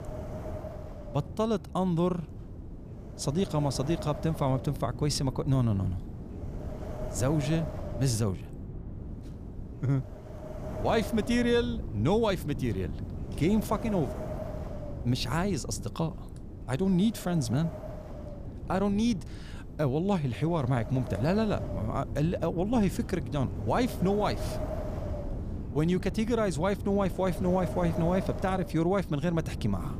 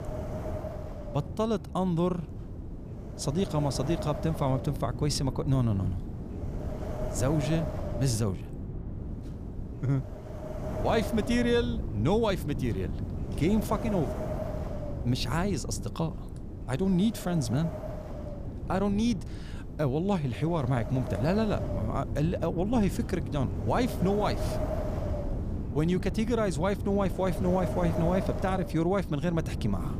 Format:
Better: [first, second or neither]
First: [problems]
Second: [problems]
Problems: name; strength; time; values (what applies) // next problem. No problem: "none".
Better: first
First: wind noise on the microphone; occasional gusts; 10 dB below the speech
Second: wind noise on the microphone; heavy; 8 dB below the speech